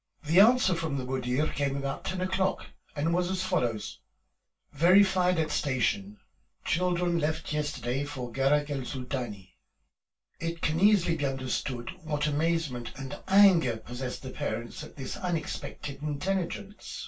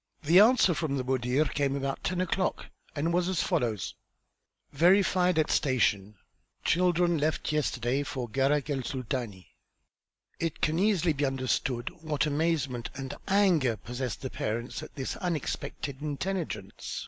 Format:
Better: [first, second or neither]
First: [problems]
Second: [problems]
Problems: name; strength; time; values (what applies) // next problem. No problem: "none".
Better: second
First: room echo; dies away in 0.2 s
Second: none